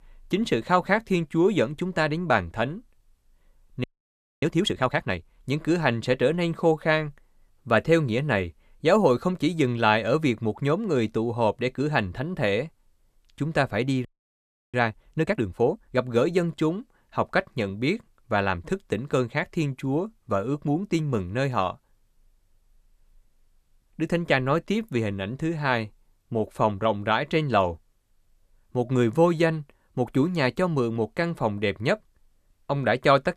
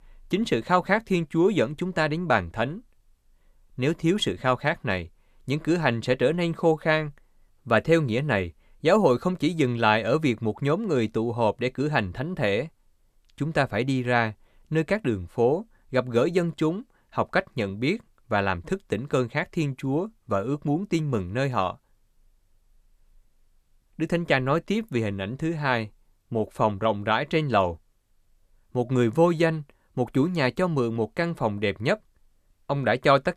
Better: second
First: audio freezing; at 4 s for 0.5 s and at 14 s for 0.5 s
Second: none

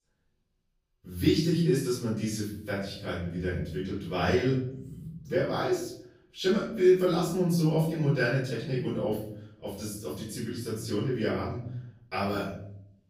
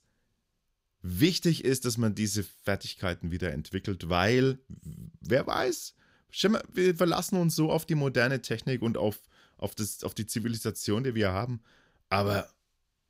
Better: second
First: off-mic speech; far // room echo; noticeable; dies away in 0.7 s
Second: none

